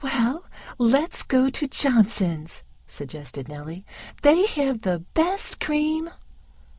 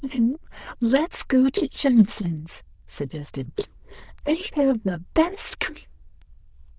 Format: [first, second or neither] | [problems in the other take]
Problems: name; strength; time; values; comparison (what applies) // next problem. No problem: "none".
first | noise reduction (neural diffusion model UNIVERSE++)